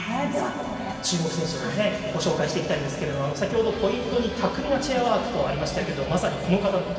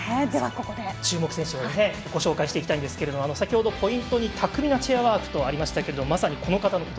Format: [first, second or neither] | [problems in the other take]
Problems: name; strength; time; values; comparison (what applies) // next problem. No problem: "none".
second | background sound (Wind instrument, woodwind instrument); 16 dB below the speech // room echo; dies away in 2.5 s